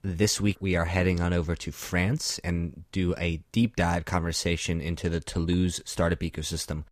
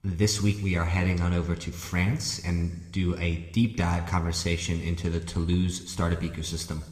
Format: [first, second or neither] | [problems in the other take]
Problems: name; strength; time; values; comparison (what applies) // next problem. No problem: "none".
first | room echo; slight; dies away in 1.9 s